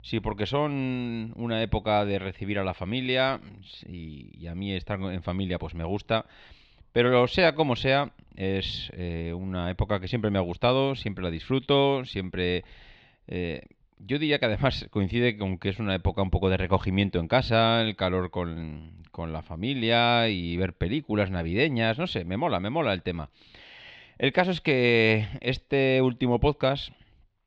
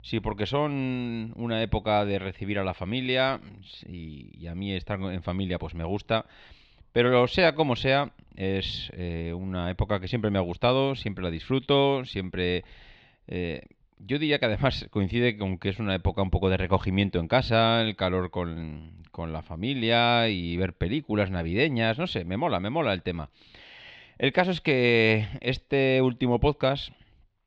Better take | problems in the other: neither | muffled; slightly; fading above 4 kHz; the same in both

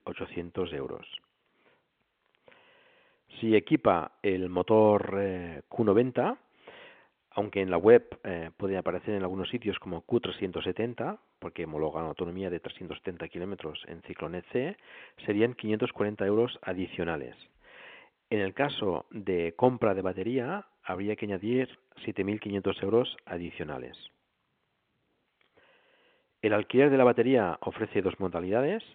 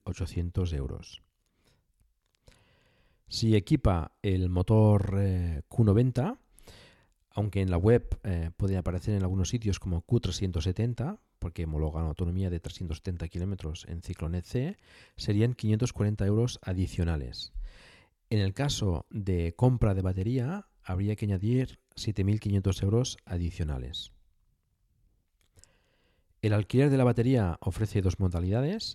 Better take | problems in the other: second | phone-call audio

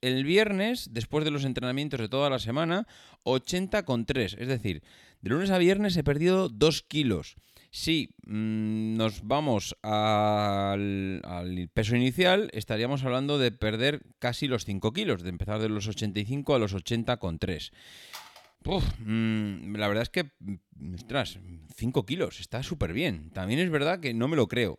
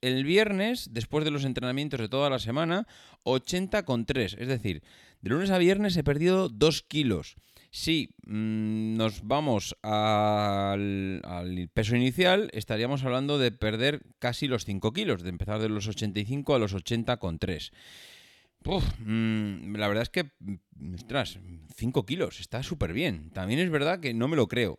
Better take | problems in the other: second | phone ringing; faint; at 18 s; peak 15 dB below the speech

